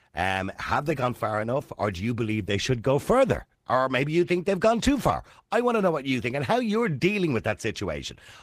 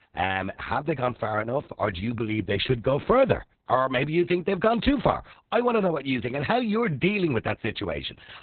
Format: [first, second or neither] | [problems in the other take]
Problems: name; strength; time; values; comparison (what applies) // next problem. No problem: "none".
first | garbled, watery; badly; nothing above 4 kHz; slightly in the first